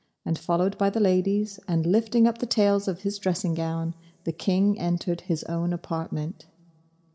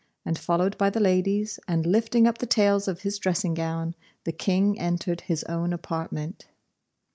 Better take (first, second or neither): second